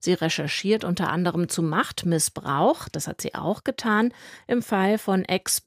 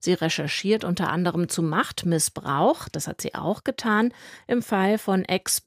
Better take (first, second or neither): neither